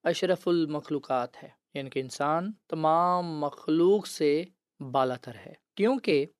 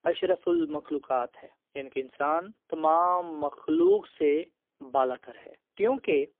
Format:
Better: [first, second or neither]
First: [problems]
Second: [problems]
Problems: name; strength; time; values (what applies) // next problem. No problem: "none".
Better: first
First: none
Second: phone-call audio; poor line